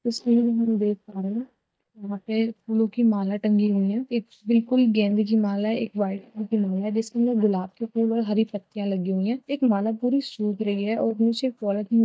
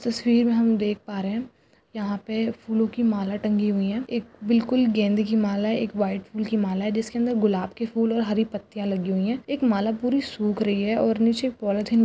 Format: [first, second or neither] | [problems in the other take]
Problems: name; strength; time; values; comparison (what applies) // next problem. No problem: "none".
second | noise reduction (neural mask model DeepFilterNet 3)